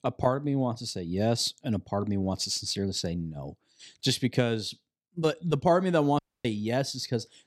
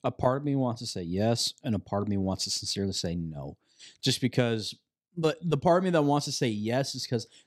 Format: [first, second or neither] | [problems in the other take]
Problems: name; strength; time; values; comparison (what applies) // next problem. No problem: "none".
second | audio cutting out; at 6 s